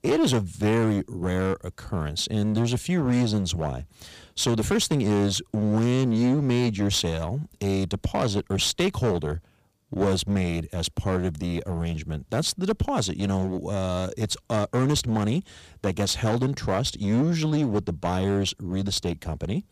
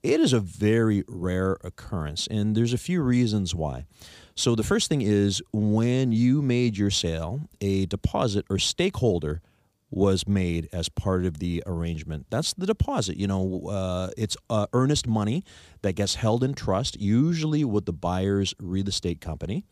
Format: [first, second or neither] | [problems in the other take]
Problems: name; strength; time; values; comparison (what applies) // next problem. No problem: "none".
second | distortion; slight; 12% of the sound clipped